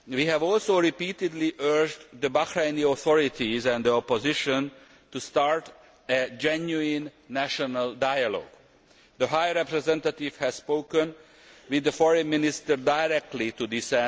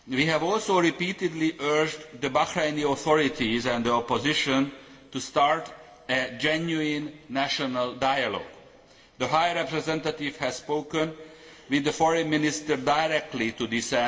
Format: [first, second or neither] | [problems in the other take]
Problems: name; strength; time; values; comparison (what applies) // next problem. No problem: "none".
first | room echo; dies away in 1.4 s